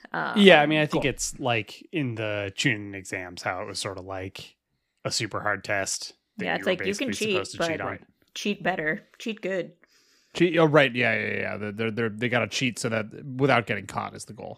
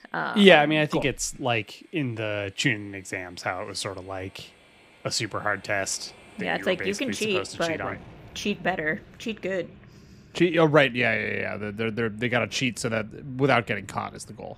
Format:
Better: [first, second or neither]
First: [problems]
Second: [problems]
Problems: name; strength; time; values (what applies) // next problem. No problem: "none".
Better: first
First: none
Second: train or aircraft noise; faint; throughout; 25 dB below the speech